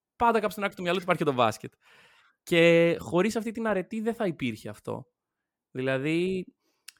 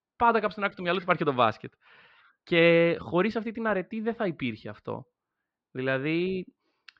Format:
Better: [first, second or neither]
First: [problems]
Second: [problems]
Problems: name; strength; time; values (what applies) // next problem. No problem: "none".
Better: first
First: none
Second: muffled; very slightly; fading above 4.5 kHz